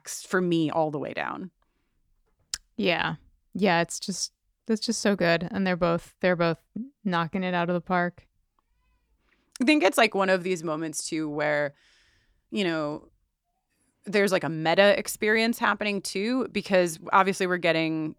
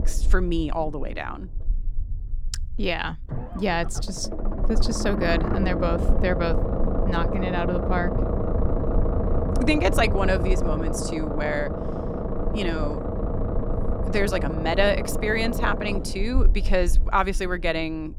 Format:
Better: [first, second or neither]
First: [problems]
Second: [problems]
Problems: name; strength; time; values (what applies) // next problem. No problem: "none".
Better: first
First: none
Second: low rumble; loud; throughout; 5 dB below the speech